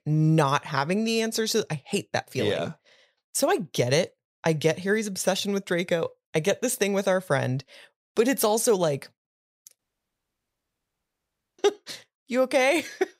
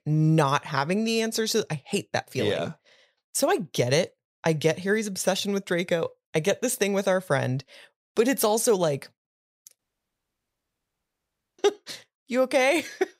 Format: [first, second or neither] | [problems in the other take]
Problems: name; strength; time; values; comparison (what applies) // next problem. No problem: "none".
neither | audio cutting out; at 10 s for 2 s; the same in both